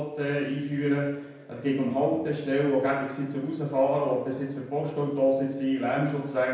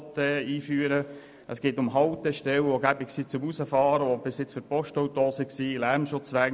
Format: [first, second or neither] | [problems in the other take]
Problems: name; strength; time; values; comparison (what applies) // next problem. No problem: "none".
second | room echo; dies away in 0.9 s